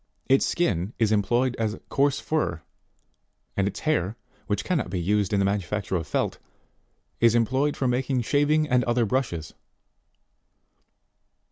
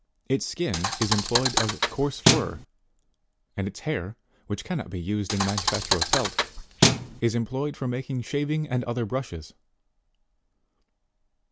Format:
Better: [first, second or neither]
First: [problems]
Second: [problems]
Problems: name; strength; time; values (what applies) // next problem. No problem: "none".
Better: first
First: none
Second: background sound (Thump, thud); 4 dB above the speech